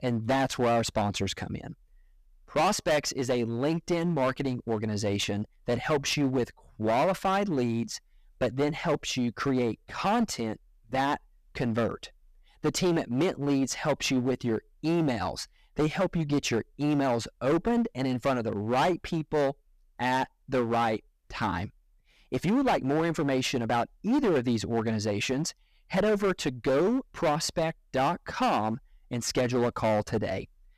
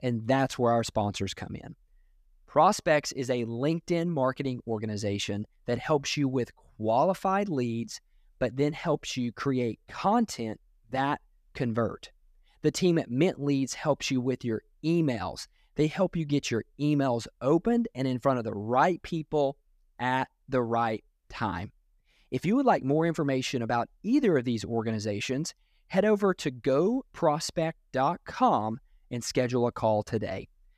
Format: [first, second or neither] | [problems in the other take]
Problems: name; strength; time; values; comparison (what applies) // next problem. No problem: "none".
second | distortion; heavy; 12% of the sound clipped